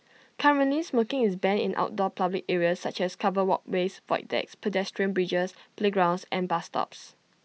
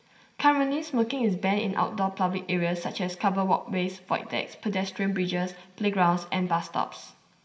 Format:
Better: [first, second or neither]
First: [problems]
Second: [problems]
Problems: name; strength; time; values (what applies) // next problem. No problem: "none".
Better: first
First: none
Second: room echo; dies away in 0.8 s